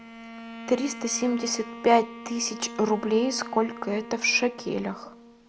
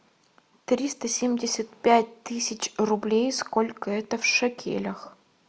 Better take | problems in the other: second | background sound (Bowed string instrument); 13 dB below the speech

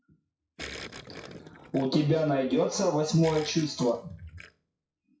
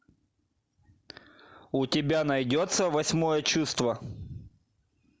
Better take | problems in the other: second | noise reduction (classical method WPE with log-MMSE)

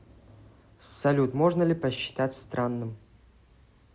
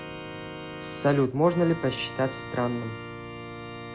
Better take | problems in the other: first | background sound (Organ); 10 dB below the speech

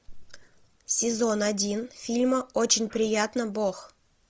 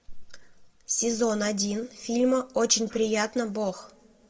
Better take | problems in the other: first | room echo; dies away in 0.9 s

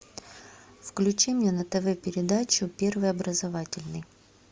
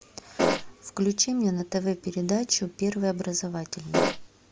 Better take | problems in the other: first | background sound (Fart); 4 dB above the speech

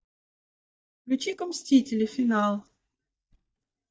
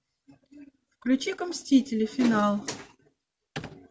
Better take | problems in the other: second | noise reduction (neural mask model DeepFilterNet 3)

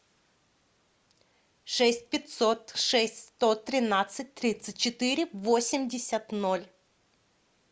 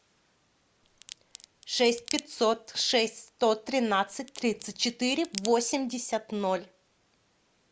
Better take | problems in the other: first | background sound (Crack); 15 dB below the speech

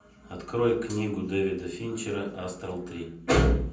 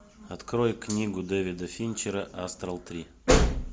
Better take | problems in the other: second | room echo; dies away in 0.6 s

